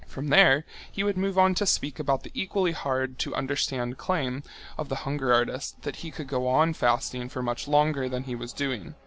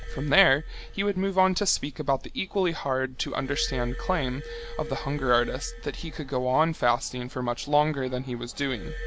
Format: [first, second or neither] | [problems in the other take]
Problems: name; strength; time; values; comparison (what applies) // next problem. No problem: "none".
first | background sound (Glass); 12 dB below the speech